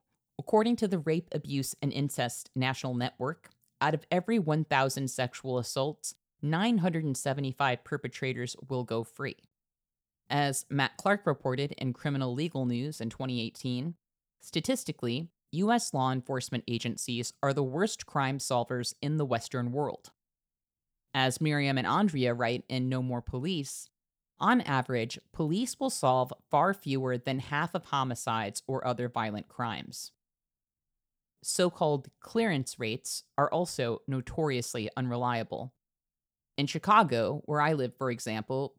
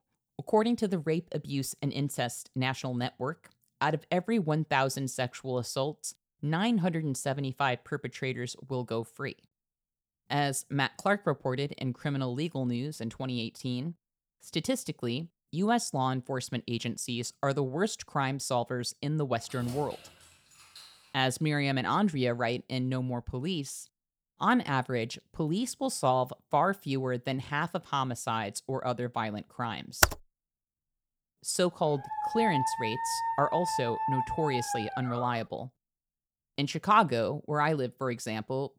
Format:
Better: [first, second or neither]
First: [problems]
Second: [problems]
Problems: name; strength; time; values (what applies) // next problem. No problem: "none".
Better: first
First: none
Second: jangling keys; faint; from 19 to 21 s; peak 15 dB below the speech // keyboard typing; very faint; at 30 s; peak 5 dB above the speech // dog barking; loud; from 32 to 35 s; peak 1 dB above the speech